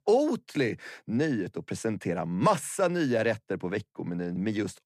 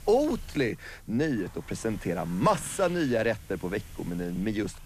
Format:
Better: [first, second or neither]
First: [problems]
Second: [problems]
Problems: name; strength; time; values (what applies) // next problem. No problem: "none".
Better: first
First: none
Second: hiss; noticeable; throughout; 20 dB below the speech